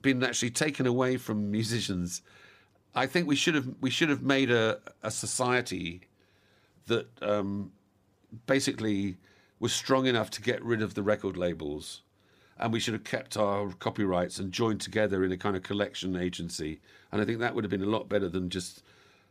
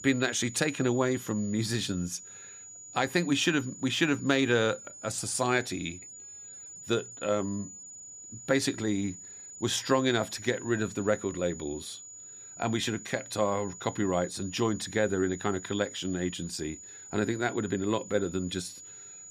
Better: first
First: none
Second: high-pitched whine; noticeable; throughout; 7 kHz, 15 dB below the speech

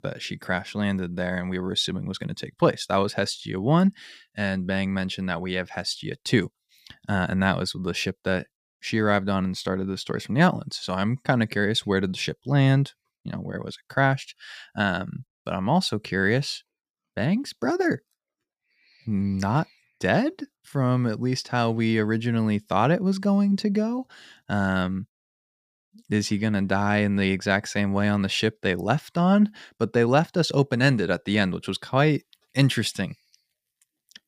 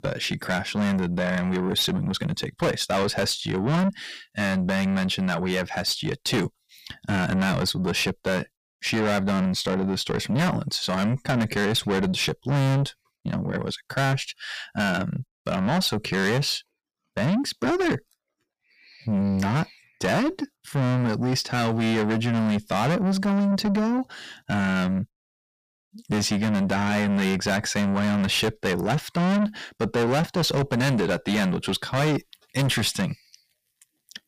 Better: first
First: none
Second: distortion; heavy; 5 dB below the speech

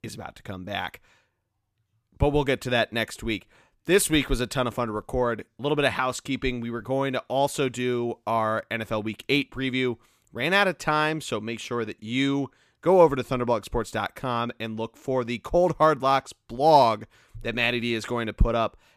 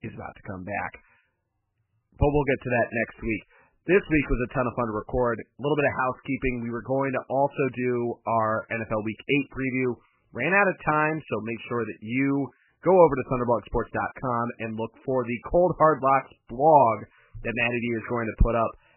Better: first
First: none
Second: garbled, watery; badly; nothing above 2.5 kHz

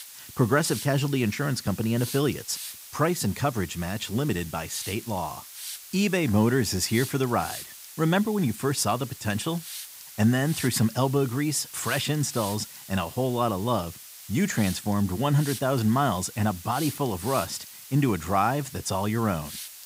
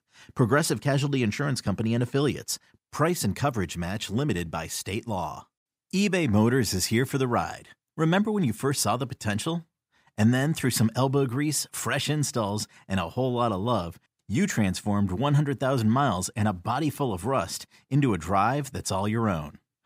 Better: second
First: hiss; noticeable; throughout; 15 dB below the speech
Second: none

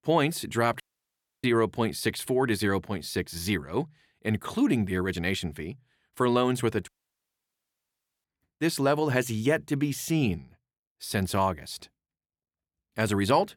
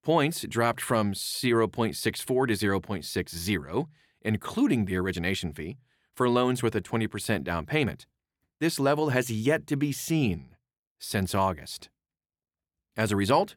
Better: second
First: audio cutting out; at 1 s for 0.5 s and at 7 s for 1.5 s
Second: none

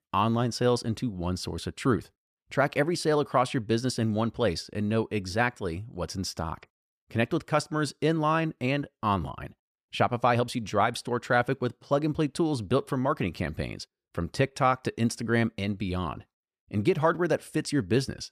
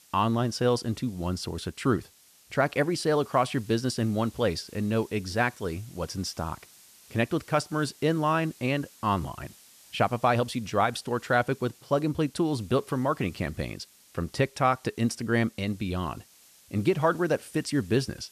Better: first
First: none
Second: hiss; faint; throughout; 25 dB below the speech

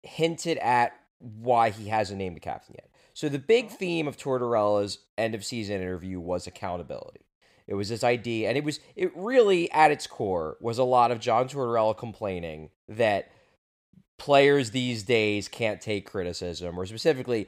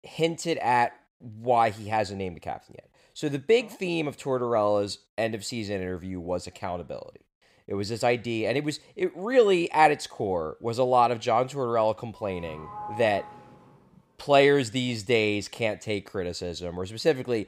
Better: first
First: none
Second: doorbell; faint; from 12 to 14 s; peak 10 dB below the speech

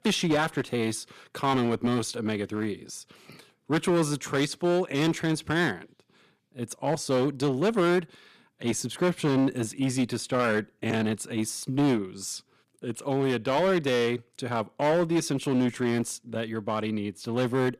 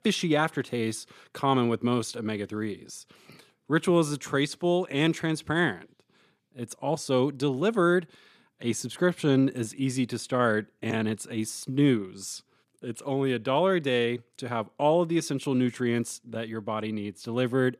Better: second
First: distortion; slight; 8% of the sound clipped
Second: none

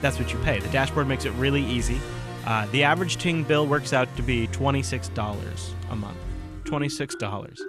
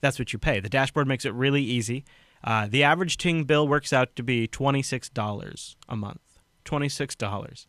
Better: second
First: background music; loud; throughout; 8 dB below the speech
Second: none

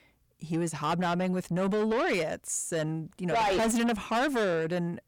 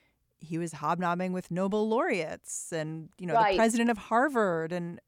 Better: second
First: distortion; heavy; 7 dB below the speech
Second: none

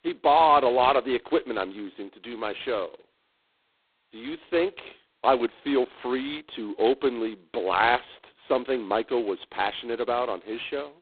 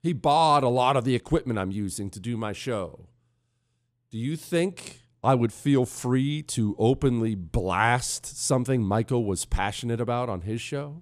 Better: second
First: phone-call audio; poor line; nothing above 4 kHz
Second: none

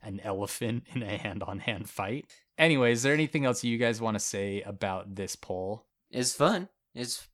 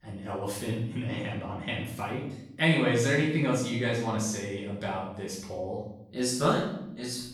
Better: first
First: none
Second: room echo; noticeable; dies away in 0.7 s // off-mic speech; far

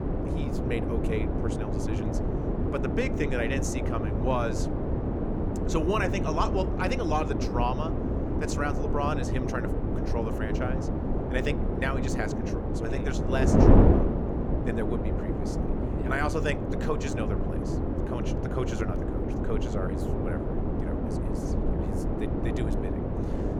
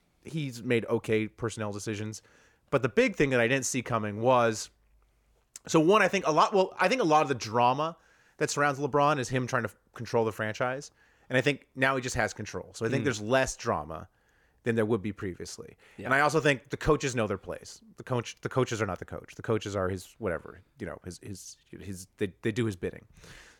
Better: second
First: wind noise on the microphone; heavy; 1 dB below the speech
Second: none

